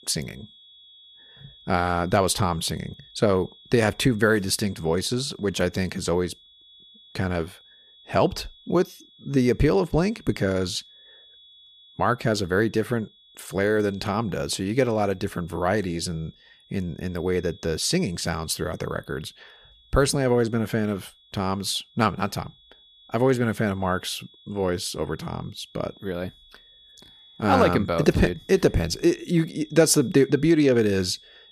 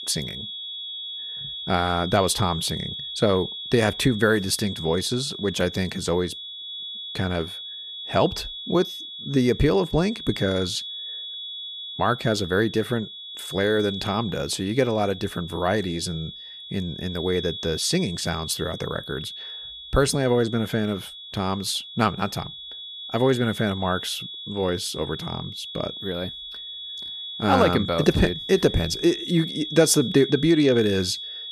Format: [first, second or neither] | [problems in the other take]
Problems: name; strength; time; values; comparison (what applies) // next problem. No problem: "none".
first | high-pitched whine; loud; throughout; 3.5 kHz, 9 dB below the speech; faint in the first